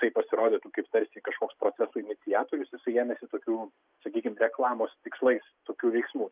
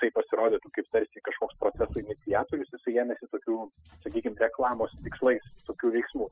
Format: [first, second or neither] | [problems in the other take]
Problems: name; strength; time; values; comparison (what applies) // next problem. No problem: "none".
first | noise reduction (classical method spectral subtraction)